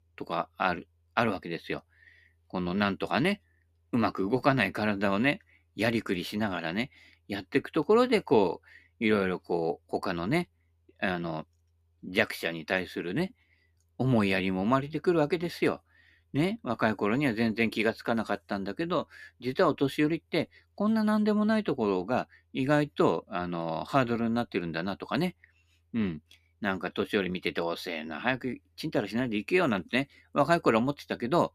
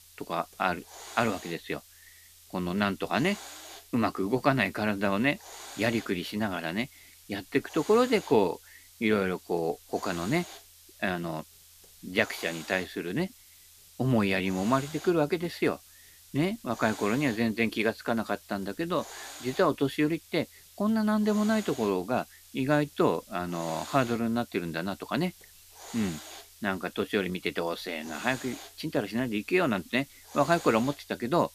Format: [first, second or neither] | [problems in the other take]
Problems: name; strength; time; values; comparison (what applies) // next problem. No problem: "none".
first | hiss; noticeable; throughout; 15 dB below the speech